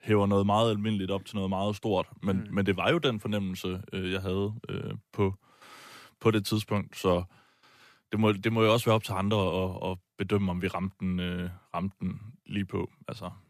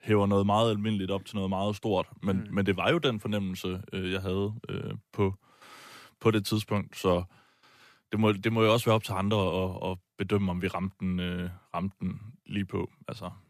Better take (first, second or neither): neither